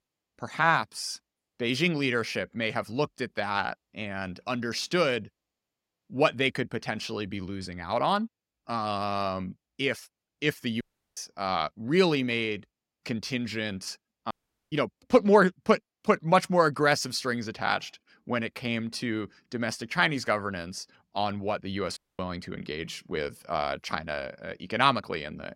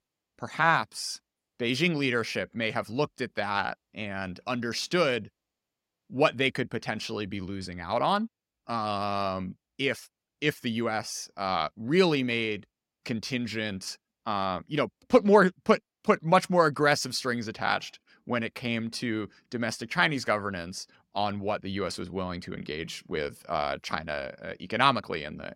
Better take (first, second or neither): second